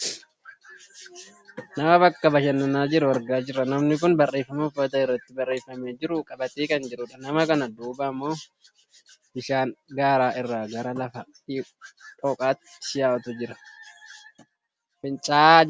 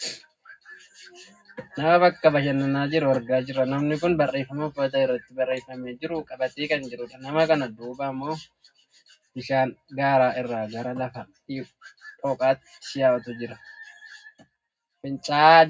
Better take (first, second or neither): first